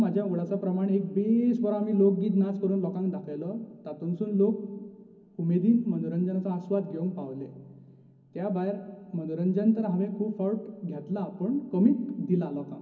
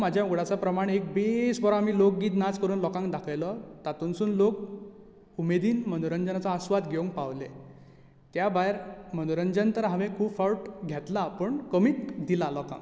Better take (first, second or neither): second